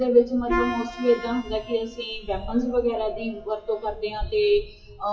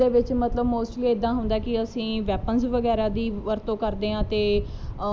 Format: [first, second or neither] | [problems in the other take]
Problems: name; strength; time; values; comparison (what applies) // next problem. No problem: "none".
second | noise reduction (classical method WPE with log-MMSE)